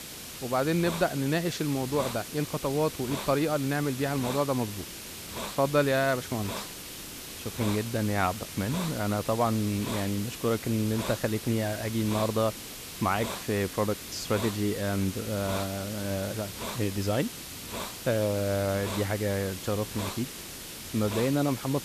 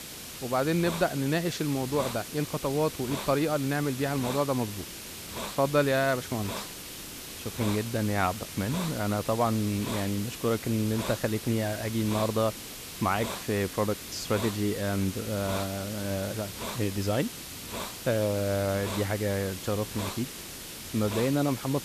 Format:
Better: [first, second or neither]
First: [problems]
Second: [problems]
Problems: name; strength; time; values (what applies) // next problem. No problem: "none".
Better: neither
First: hiss; loud; throughout; 8 dB below the speech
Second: hiss; loud; throughout; 8 dB below the speech